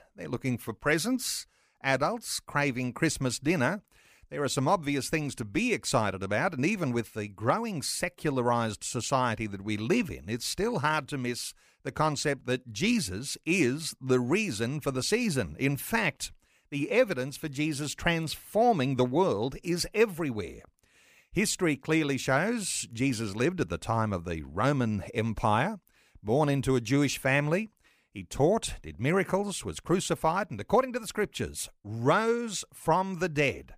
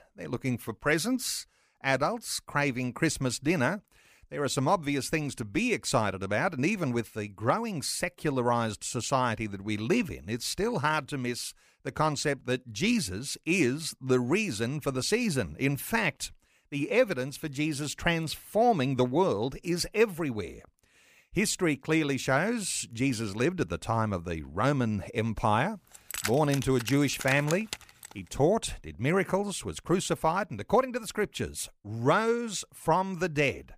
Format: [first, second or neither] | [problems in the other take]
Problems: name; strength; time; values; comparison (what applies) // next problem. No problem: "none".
first | jangling keys; noticeable; from 26 to 28 s; peak 5 dB below the speech